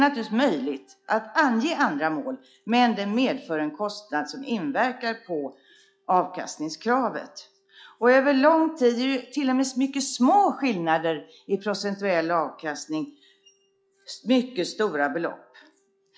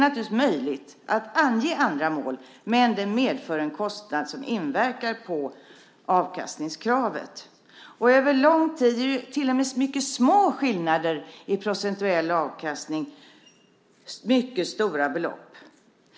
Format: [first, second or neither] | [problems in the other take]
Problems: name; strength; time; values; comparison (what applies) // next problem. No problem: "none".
second | noise reduction (classical method log-MMSE)